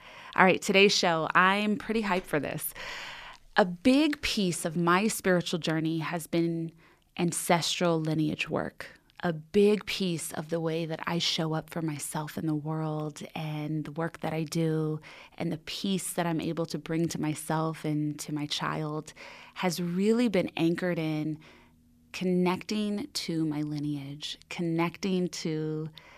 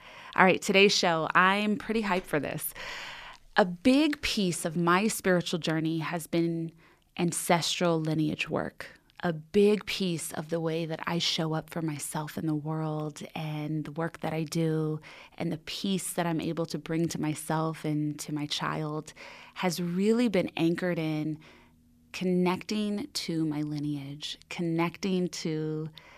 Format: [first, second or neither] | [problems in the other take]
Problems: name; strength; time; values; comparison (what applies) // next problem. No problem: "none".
neither | none